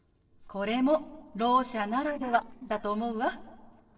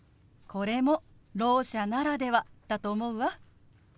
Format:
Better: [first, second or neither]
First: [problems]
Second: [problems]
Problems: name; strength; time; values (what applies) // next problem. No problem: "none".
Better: second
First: noise reduction (neural separator model SepFormer DNS4)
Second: none